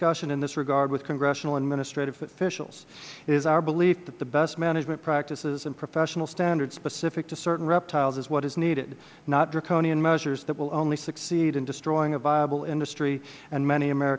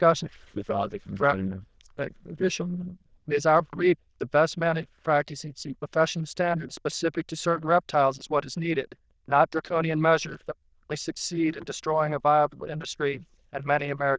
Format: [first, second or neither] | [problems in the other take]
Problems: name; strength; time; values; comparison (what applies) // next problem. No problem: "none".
first | noise reduction (neural diffusion model UNIVERSE++)